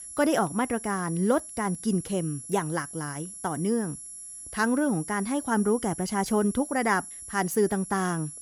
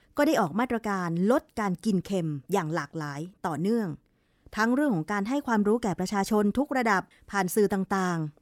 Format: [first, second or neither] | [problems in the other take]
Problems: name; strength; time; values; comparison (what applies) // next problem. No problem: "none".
second | high-pitched whine; noticeable; throughout; 11 kHz, 10 dB below the speech